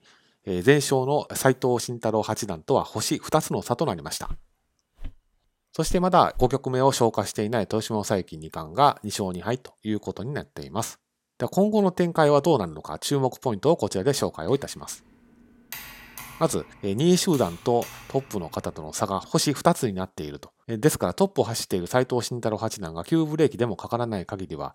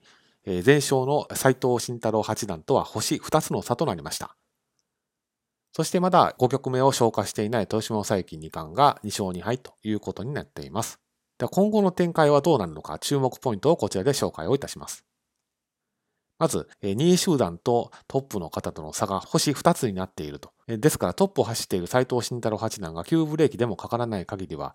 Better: second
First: footsteps; faint; from 4.5 to 6.5 s; peak 15 dB below the speech // keyboard typing; faint; from 14 to 19 s; peak 15 dB below the speech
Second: none

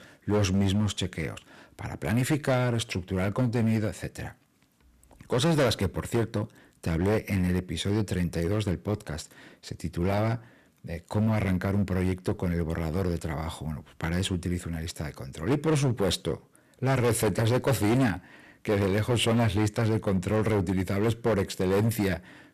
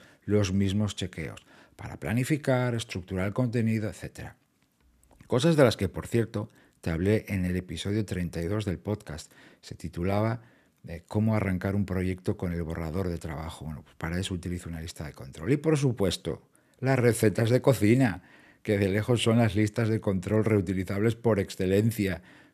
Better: second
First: distortion; heavy; 9% of the sound clipped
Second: none

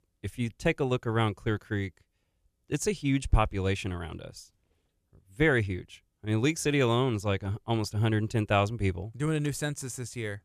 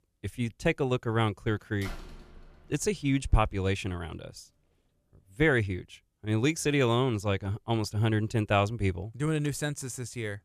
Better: first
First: none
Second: door banging; faint; from 2 to 3 s; peak 15 dB below the speech

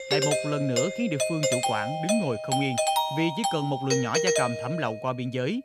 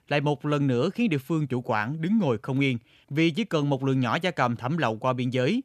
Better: second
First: doorbell; loud; until 5 s; peak 5 dB above the speech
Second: none

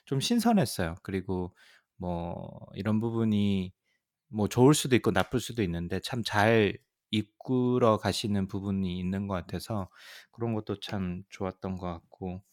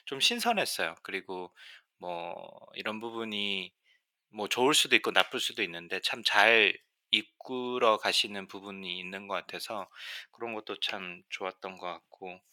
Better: first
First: none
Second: thin; very; fading below 500 Hz

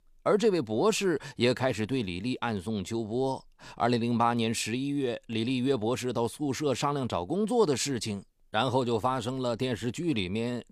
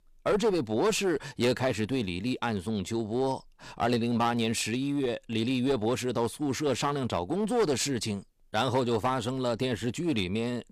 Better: first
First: none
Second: distortion; slight; 8% of the sound clipped

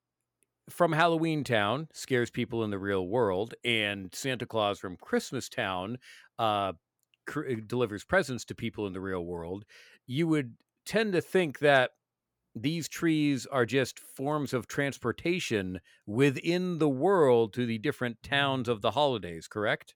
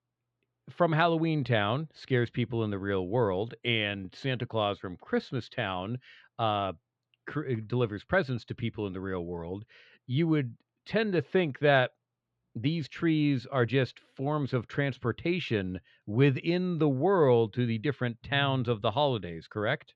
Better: first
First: none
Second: muffled; very slightly; fading above 4 kHz

